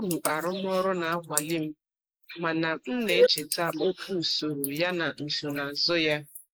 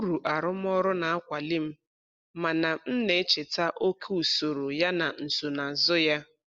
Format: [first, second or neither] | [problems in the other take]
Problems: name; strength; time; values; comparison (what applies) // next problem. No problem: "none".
second | noise reduction (neural mask model Resemble Enhance denoiser)